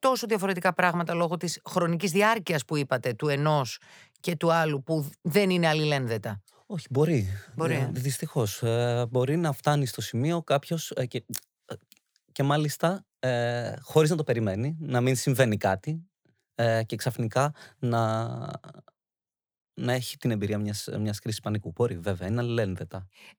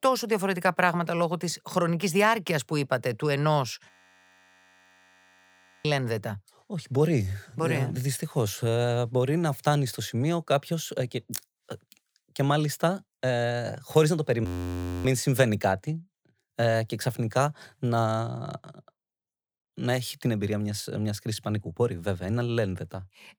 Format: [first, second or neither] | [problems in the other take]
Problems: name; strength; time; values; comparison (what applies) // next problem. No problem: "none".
first | audio freezing; at 4 s for 2 s and at 14 s for 0.5 s